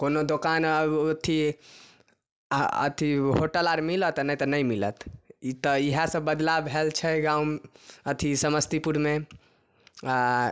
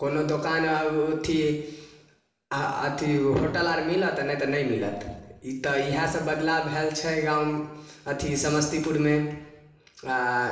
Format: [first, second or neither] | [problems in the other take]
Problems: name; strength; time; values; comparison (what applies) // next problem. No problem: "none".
first | room echo; dies away in 1 s